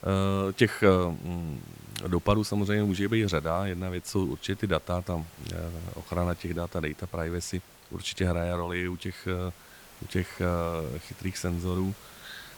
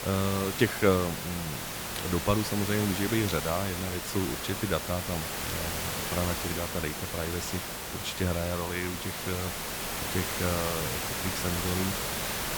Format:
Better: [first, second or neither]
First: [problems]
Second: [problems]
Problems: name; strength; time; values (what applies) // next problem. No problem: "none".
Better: first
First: hiss; faint; throughout; 20 dB below the speech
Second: hiss; loud; throughout; 1 dB below the speech